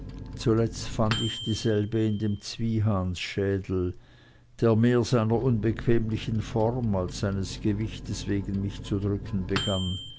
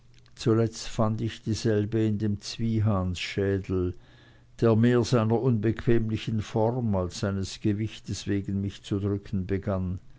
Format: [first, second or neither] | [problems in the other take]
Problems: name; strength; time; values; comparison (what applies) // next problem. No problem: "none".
second | background sound (Microwave oven); 12 dB below the speech